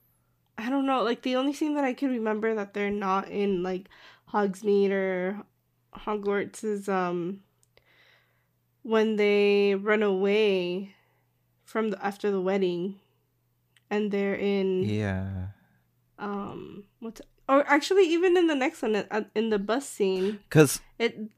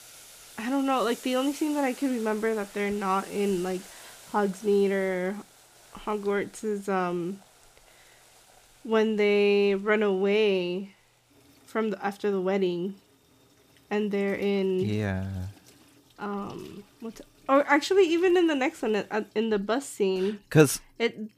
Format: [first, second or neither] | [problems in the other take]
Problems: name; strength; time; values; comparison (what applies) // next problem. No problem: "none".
first | household noises; faint; throughout; 25 dB below the speech